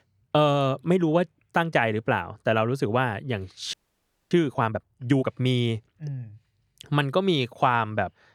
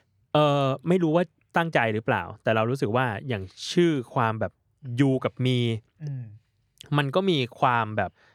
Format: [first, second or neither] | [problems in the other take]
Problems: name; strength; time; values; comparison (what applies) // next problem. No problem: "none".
second | audio freezing; at 3.5 s for 0.5 s